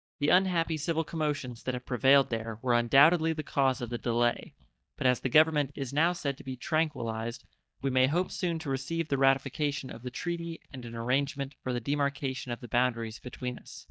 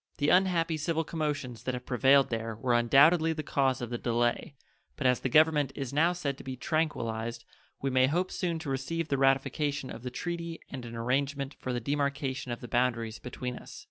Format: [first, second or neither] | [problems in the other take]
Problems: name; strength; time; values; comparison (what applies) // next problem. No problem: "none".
second | noise reduction (neural mask model DeepFilterNet 3)